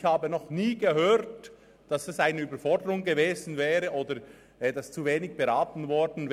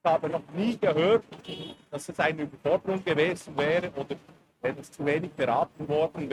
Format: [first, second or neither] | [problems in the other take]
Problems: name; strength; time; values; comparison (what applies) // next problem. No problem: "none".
first | noise reduction (neural mask model RNNoise)